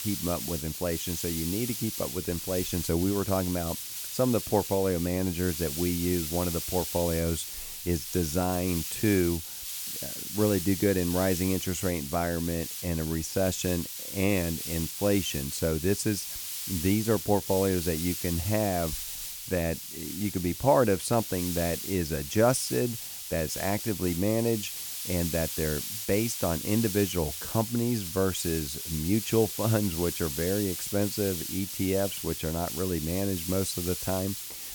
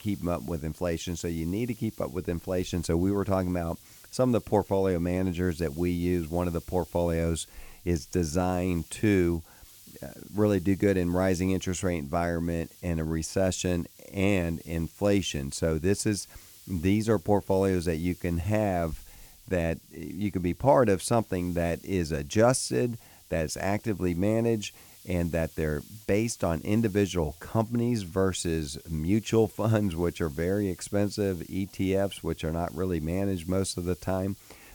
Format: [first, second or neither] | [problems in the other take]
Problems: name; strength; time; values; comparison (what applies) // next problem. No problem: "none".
second | hiss; loud; throughout; 5 dB below the speech; faint in the second